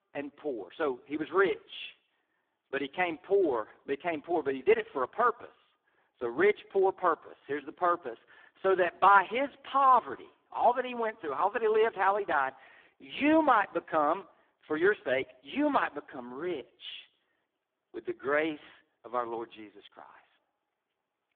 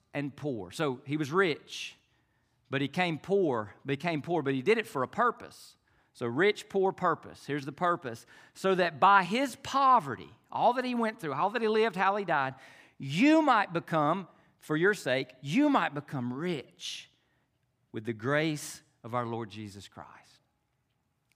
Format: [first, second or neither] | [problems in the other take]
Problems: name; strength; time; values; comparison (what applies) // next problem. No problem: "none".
second | phone-call audio; poor line